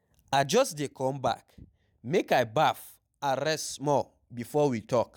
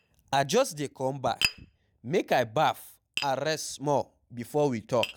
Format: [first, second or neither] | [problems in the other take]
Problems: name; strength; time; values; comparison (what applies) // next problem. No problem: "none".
first | background sound (Tap); 11 dB below the speech